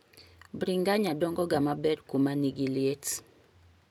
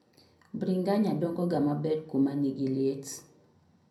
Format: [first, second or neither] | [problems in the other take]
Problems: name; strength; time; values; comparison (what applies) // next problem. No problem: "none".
first | room echo; dies away in 0.5 s